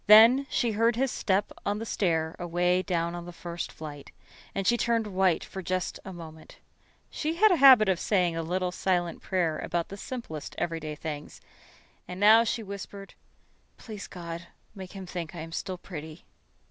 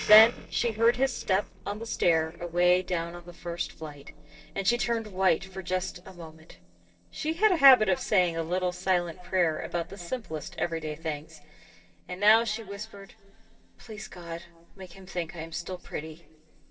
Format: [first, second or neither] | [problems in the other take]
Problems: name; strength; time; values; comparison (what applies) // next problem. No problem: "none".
first | noise reduction (neural separator model SepFormer DNS4)